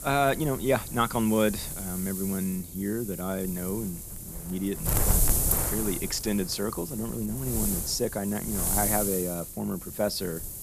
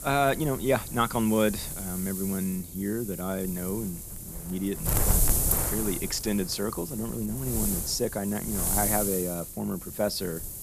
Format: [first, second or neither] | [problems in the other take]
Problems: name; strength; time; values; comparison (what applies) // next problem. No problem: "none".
neither | wind noise on the microphone; heavy; 5 dB below the speech; the same in both